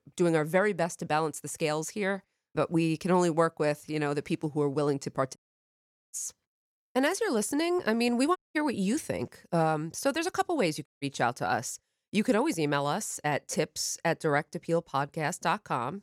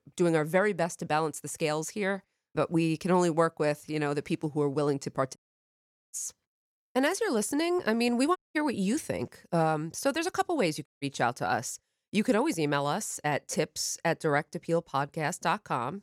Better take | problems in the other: neither | audio cutting out; at 5.5 s for 1 s, at 8.5 s and at 11 s; the same in both

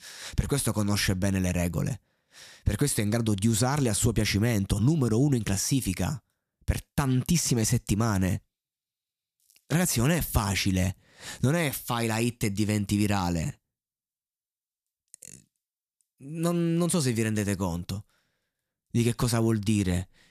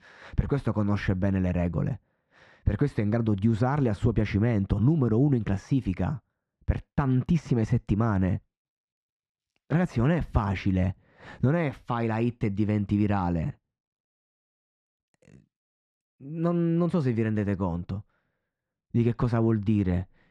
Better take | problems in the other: first | muffled; very; fading above 1.5 kHz

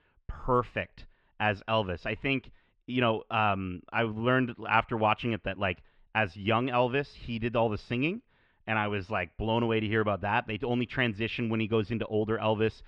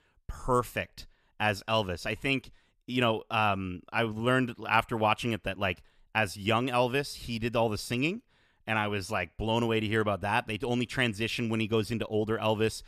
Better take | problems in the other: second | muffled; slightly; fading above 3 kHz

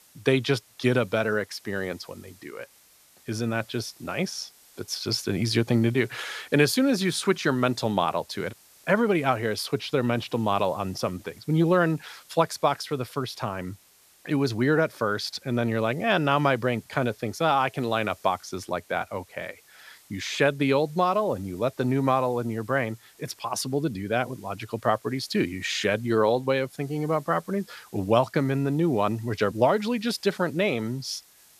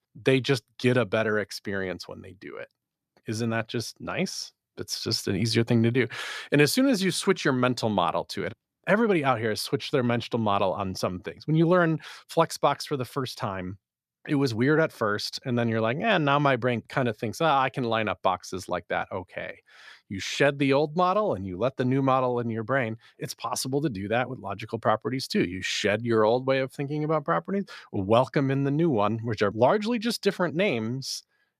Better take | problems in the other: second | hiss; faint; throughout; 25 dB below the speech

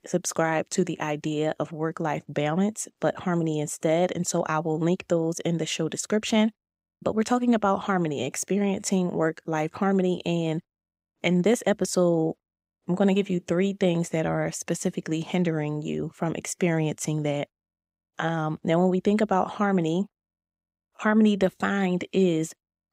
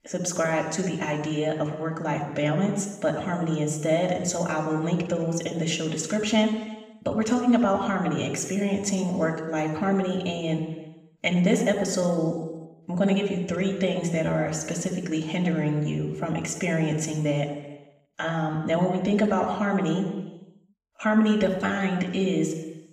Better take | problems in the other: first | room echo; noticeable; dies away in 1.1 s // off-mic speech; somewhat distant

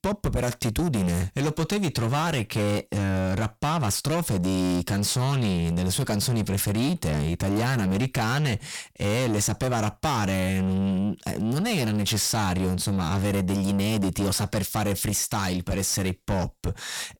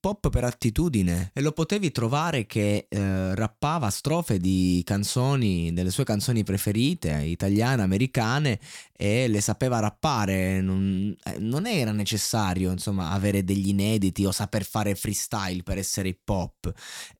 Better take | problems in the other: second | distortion; heavy; 7 dB below the speech

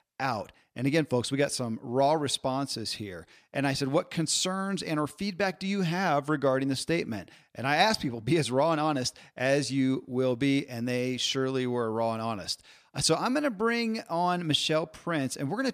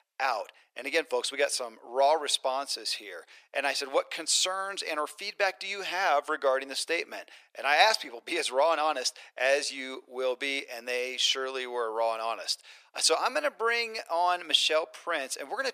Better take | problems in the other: first | thin; very; fading below 450 Hz

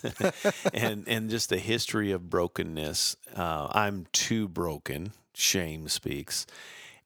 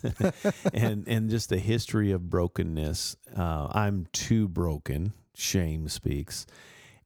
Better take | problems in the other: second | thin; somewhat; fading below 550 Hz

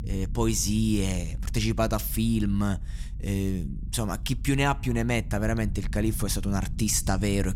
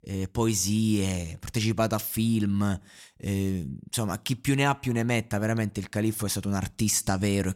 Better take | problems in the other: second | low rumble; faint; throughout; 20 dB below the speech

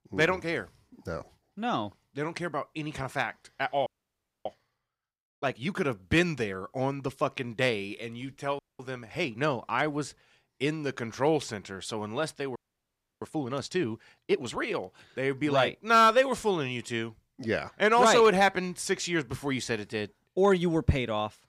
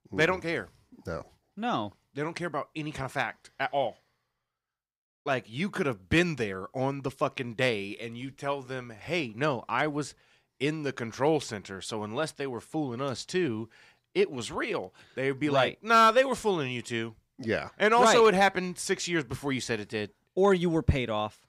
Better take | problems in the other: second | audio freezing; at 4 s for 0.5 s, at 8.5 s and at 13 s for 0.5 s

